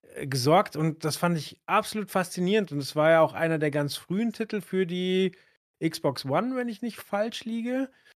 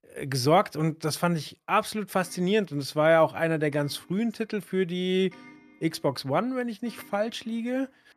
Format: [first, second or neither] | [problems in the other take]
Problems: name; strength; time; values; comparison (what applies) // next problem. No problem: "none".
first | household noises; faint; throughout; 30 dB below the speech